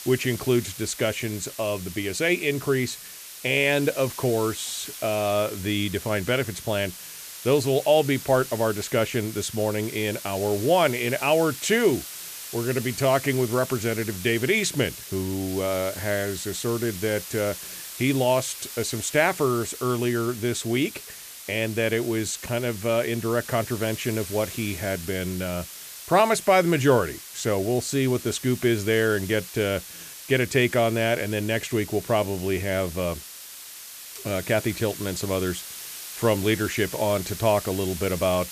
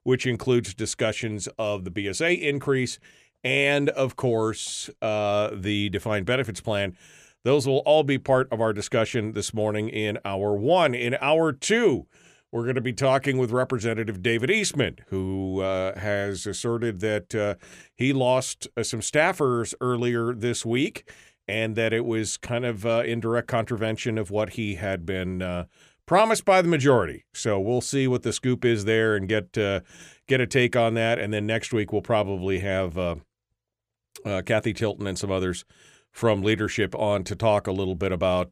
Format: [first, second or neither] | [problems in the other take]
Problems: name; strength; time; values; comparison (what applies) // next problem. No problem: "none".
second | hiss; noticeable; throughout; 10 dB below the speech